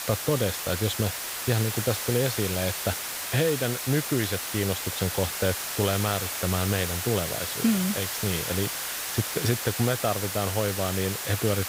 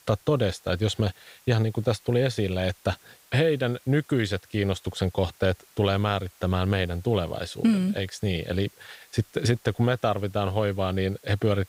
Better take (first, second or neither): second